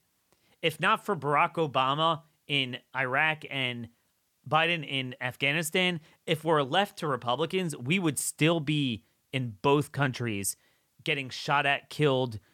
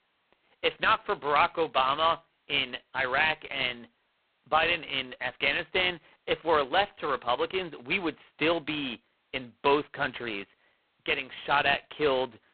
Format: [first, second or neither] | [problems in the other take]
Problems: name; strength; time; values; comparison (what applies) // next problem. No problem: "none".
first | phone-call audio; poor line